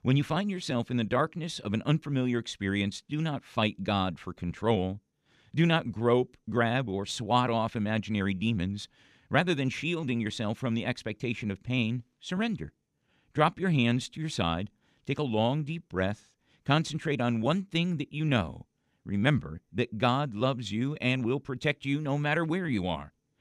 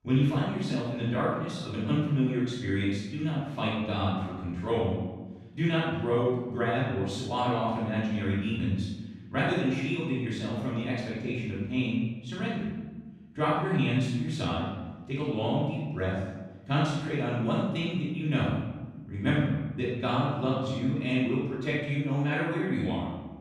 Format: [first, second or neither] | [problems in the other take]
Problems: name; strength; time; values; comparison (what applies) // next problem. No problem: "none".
first | room echo; strong; dies away in 1.1 s // off-mic speech; far